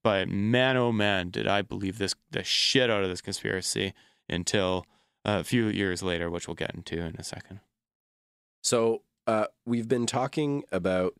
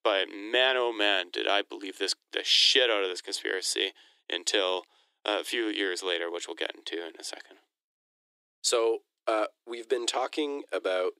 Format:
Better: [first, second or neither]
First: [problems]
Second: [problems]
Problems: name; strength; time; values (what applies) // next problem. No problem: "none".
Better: first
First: none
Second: thin; very; fading below 300 Hz